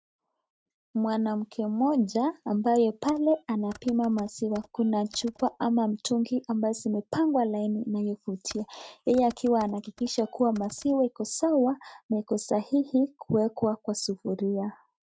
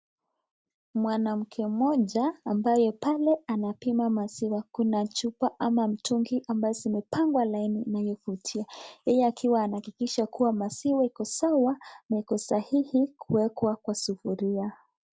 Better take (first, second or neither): second